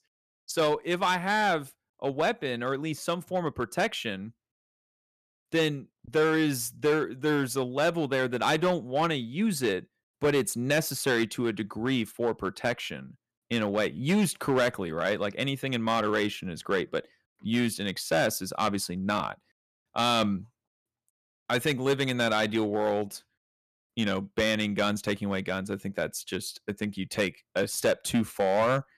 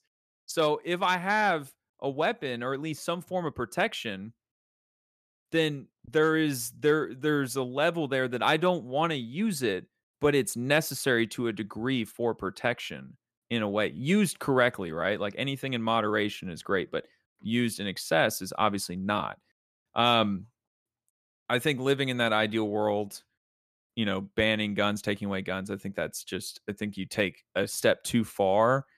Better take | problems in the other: second | distortion; slight; 4% of the sound clipped

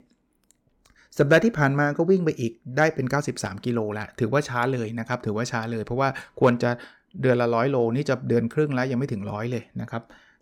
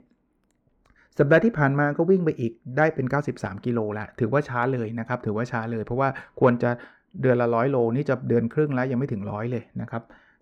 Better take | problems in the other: first | muffled; slightly; fading above 3 kHz

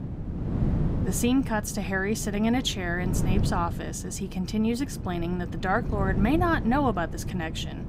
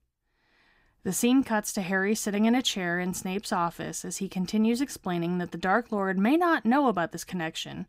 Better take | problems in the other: second | wind noise on the microphone; occasional gusts; 10 dB below the speech

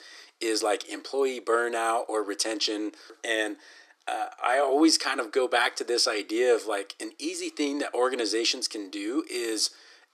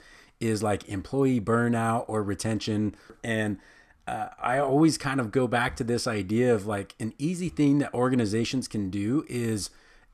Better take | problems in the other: second | thin; very; fading below 300 Hz

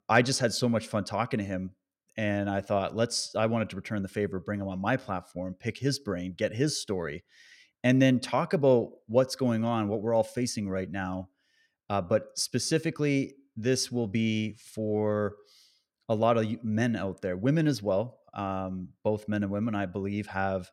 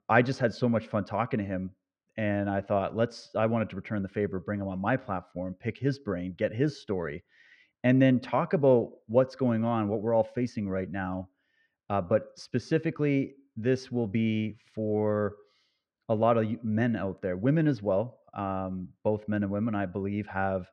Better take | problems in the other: first | muffled; very; fading above 2.5 kHz

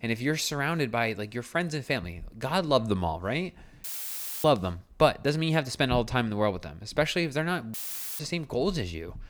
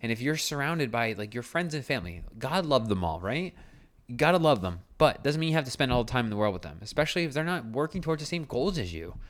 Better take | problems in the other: second | audio cutting out; filled with static; at 4 s for 0.5 s and at 7.5 s

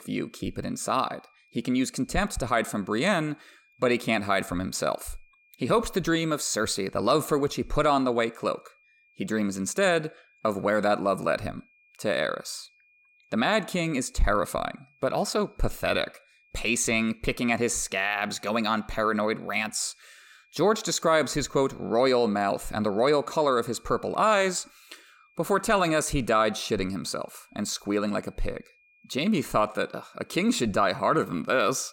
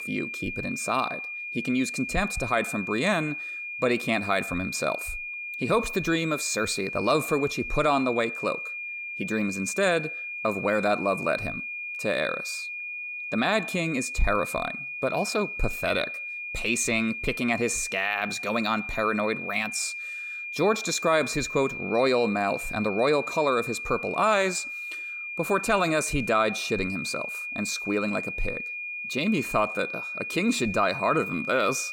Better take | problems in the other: first | high-pitched whine; loud; throughout; 2.5 kHz, 6 dB below the speech; faint in the first

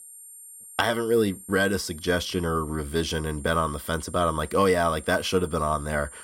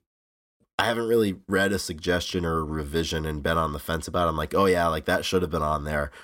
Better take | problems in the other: second | high-pitched whine; noticeable; throughout; 9 kHz, 15 dB below the speech

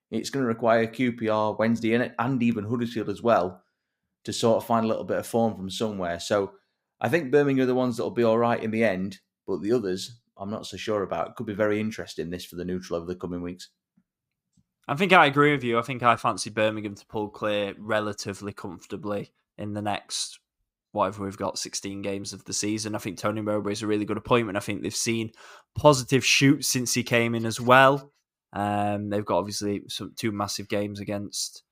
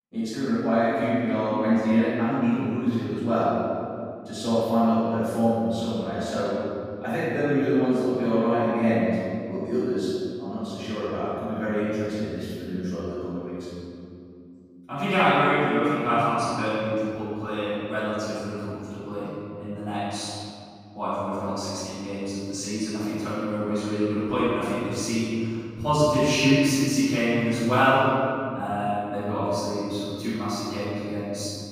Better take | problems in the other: first | off-mic speech; far // room echo; strong; dies away in 2.5 s

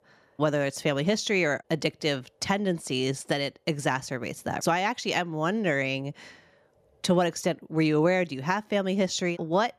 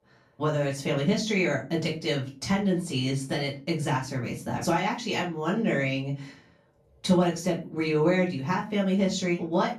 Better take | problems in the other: first | off-mic speech; far // room echo; slight; dies away in 0.3 s

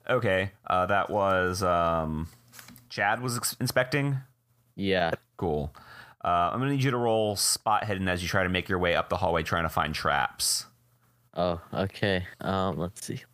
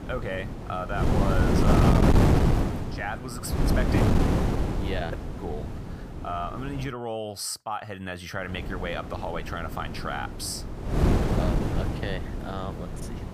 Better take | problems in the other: first | wind noise on the microphone; heavy; until 7 s and from 8.5 s on; 2 dB above the speech

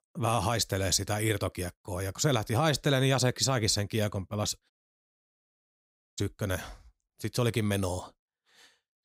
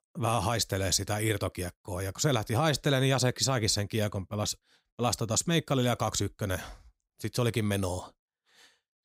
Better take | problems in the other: second | audio cutting out; at 4.5 s for 1.5 s

